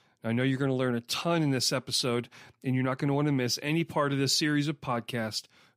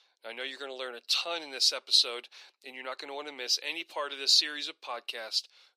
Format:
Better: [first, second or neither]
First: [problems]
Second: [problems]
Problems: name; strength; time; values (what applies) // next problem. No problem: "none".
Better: first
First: none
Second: thin; very; fading below 450 Hz